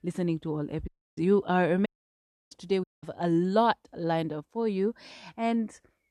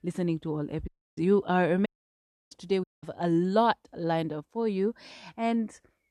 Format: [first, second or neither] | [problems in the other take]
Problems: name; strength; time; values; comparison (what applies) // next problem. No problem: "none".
neither | audio cutting out; at 1 s, at 2 s for 0.5 s and at 3 s; the same in both